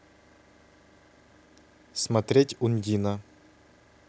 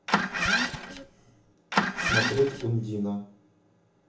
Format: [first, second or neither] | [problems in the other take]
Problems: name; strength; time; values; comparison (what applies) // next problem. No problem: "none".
first | background sound (Engine starting); 4 dB above the speech // room echo; dies away in 0.8 s